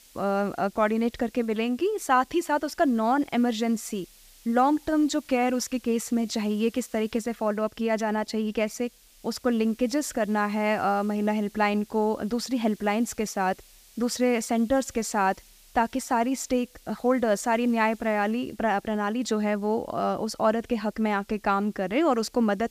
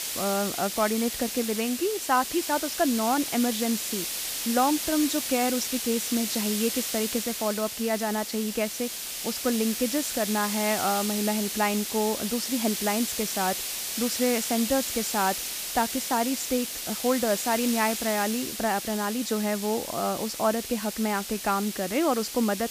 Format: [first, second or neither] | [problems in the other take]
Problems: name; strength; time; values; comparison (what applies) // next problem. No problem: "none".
first | hiss; loud; throughout; 3 dB below the speech; faint in the first